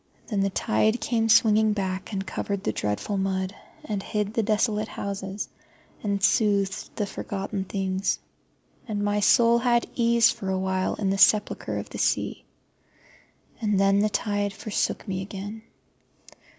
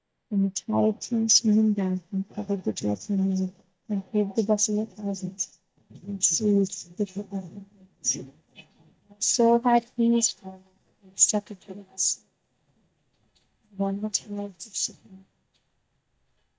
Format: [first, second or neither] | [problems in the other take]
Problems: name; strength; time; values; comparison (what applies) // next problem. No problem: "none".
first | noise reduction (neural mask model DeepFilterNet 3)